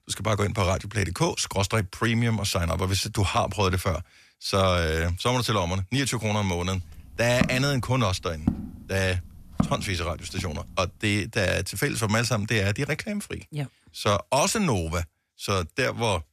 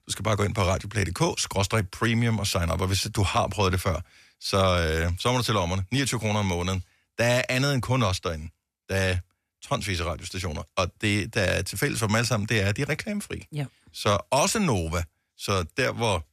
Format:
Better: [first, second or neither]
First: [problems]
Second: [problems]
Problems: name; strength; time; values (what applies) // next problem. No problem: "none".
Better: second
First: footsteps; noticeable; from 7.5 to 10 s; peak 3 dB below the speech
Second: none